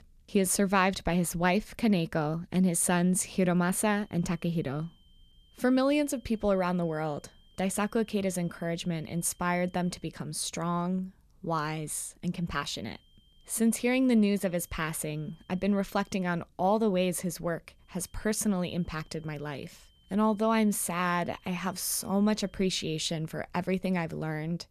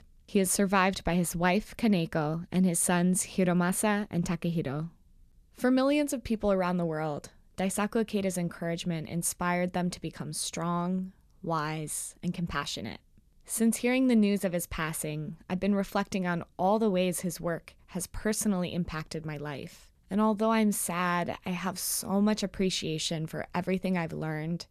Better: second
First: high-pitched whine; faint; from 3.5 to 10 s, from 12 to 16 s and from 18 to 23 s; 3 kHz, 35 dB below the speech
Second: none

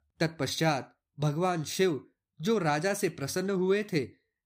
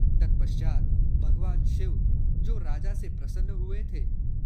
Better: first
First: none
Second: wind noise on the microphone; heavy; 2 dB above the speech

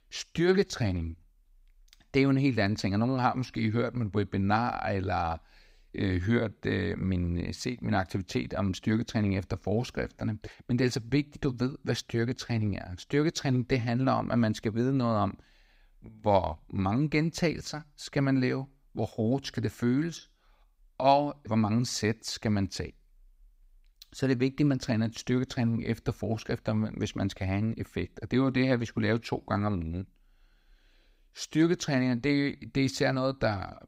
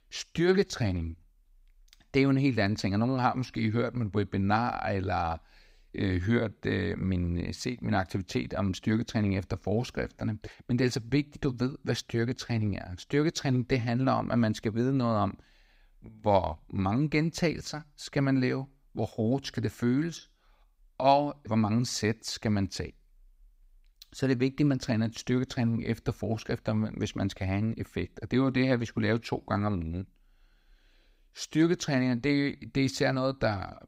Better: neither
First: none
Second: none

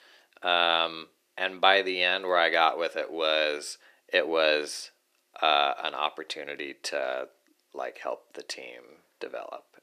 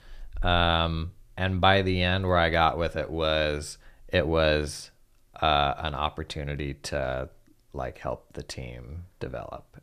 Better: second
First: thin; very; fading below 350 Hz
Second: none

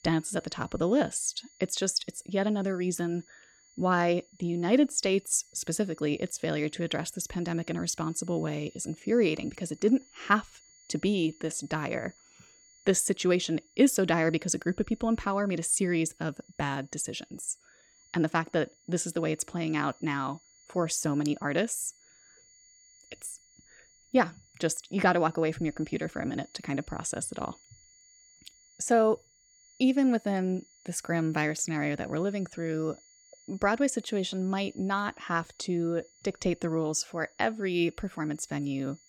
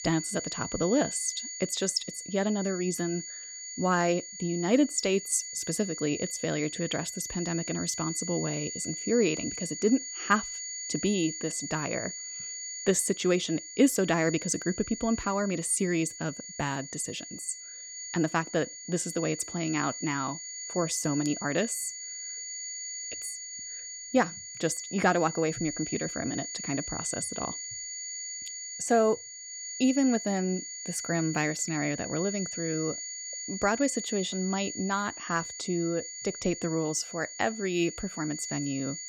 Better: first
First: high-pitched whine; faint; throughout; 7 kHz, 30 dB below the speech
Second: high-pitched whine; loud; throughout; 7 kHz, 7 dB below the speech

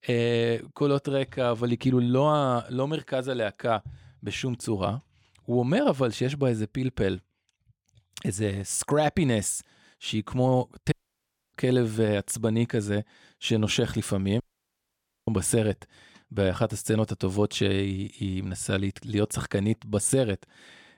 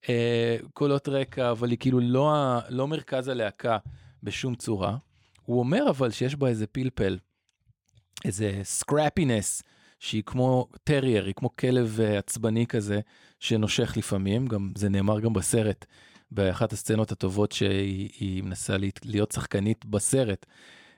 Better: second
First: audio cutting out; at 11 s for 0.5 s and at 14 s for 1 s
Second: none

